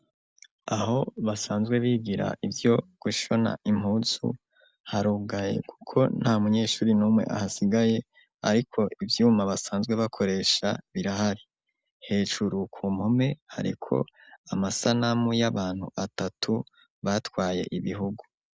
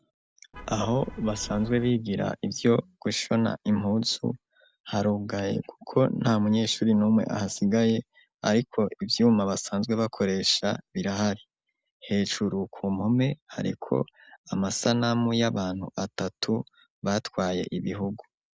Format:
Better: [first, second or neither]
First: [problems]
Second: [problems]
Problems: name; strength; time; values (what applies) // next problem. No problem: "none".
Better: first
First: none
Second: background sound (Vehicle horn, car horn, honking); 15 dB below the speech